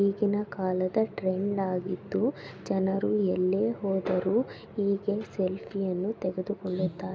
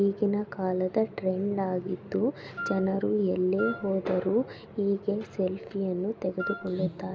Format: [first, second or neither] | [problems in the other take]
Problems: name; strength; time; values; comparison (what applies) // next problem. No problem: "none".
first | background sound (Wind instrument, woodwind instrument); 11 dB below the speech